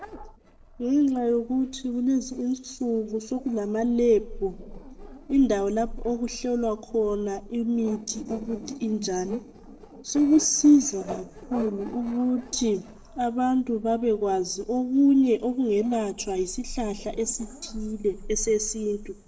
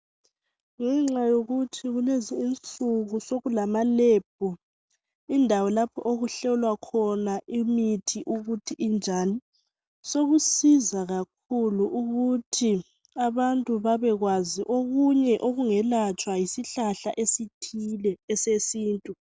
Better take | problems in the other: second | noise reduction (neural separator model SepFormer DNS4)

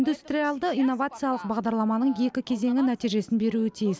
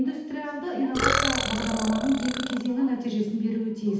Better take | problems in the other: first | background sound (Burping, eructation); 1 dB below the speech // room echo; dies away in 0.8 s

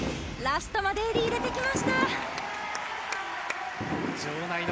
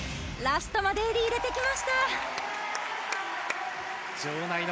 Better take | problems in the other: second | background sound (Fireworks); 5 dB below the speech

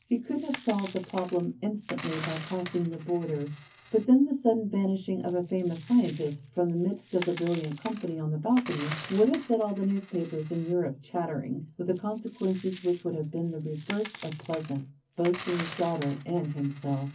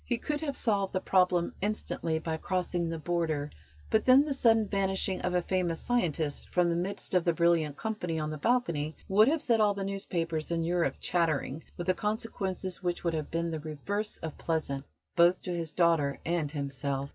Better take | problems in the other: second | background sound (Coin (dropping)); 17 dB below the speech // room echo; dies away in 0.3 s

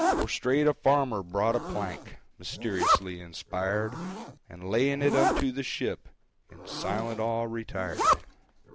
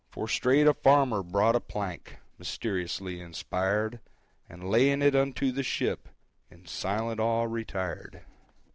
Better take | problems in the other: second | background sound (Zipper (clothing)); 2 dB below the speech

